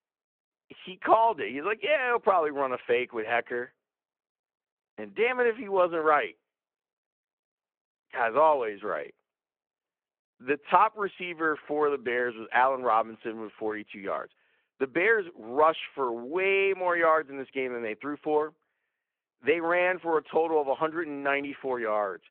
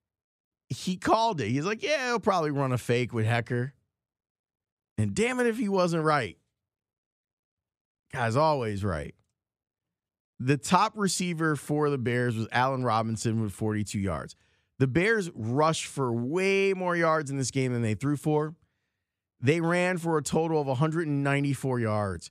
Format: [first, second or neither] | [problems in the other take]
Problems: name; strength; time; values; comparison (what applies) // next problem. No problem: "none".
second | phone-call audio